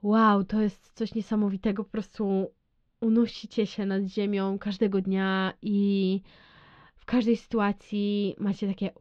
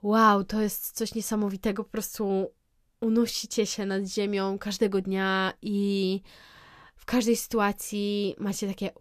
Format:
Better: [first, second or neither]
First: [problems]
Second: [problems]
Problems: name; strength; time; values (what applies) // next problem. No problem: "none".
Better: second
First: muffled; slightly; fading above 3.5 kHz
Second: none